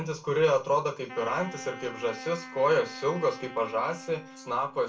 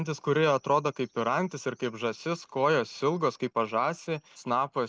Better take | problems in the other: second | background sound (Wind instrument, woodwind instrument); 16 dB below the speech // room echo; dies away in 0.3 s

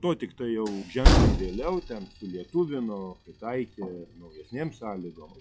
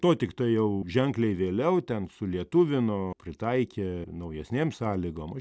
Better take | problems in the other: second | noise reduction (classical method log-MMSE)

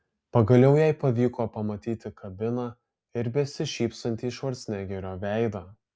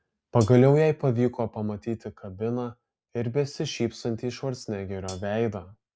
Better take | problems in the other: first | background sound (Hi-hat); 20 dB below the speech

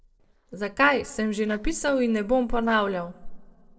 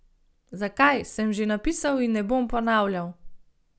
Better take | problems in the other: second | noise reduction (neural separator model SepFormer DNS4)

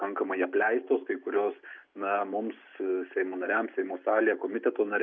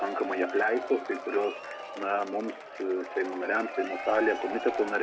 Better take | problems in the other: first | background sound (Applause / Crowd / Cheering); 8 dB below the speech

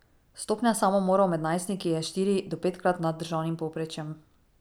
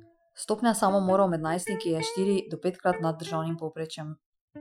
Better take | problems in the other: first | noise reduction (classical method Wiener filter)

